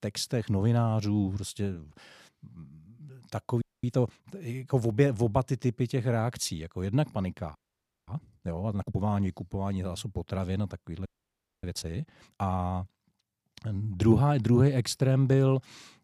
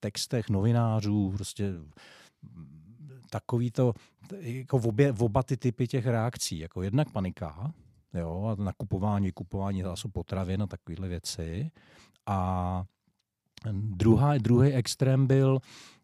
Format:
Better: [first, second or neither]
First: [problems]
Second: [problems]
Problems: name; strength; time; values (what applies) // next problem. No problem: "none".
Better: second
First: audio freezing; at 3.5 s, at 7.5 s for 0.5 s and at 11 s for 0.5 s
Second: none